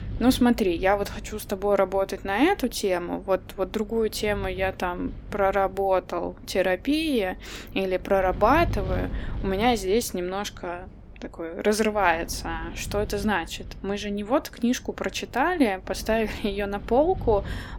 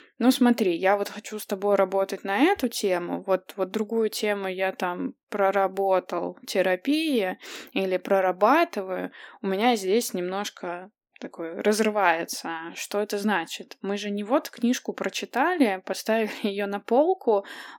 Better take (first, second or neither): second